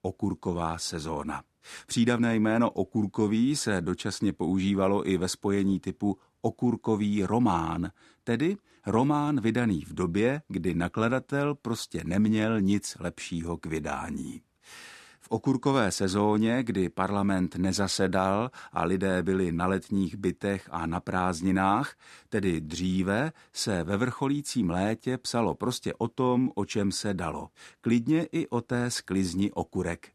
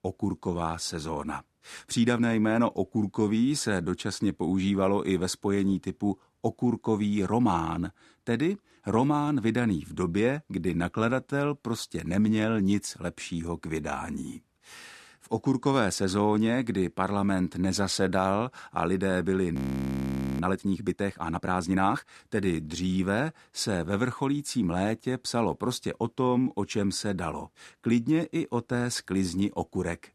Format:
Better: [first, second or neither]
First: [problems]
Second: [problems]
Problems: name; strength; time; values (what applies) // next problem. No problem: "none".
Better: first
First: none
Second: audio freezing; at 20 s for 1 s